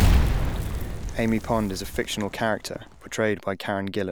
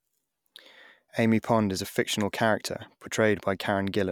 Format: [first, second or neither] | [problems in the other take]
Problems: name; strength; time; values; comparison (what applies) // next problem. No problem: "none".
second | background sound (Explosion); 2 dB above the speech